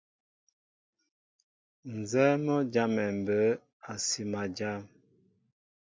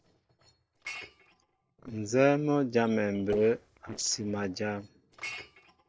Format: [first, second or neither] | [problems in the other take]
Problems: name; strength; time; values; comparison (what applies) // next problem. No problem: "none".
first | noise reduction (neural separator model SepFormer DNS4)